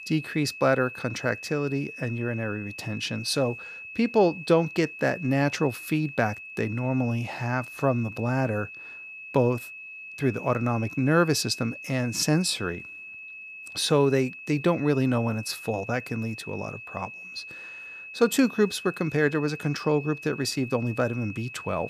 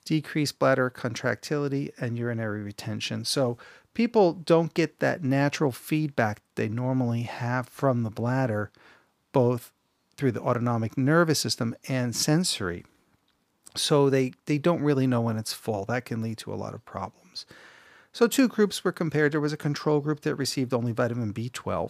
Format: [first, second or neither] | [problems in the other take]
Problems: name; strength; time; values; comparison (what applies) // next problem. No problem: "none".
second | high-pitched whine; noticeable; throughout; 2.5 kHz, 10 dB below the speech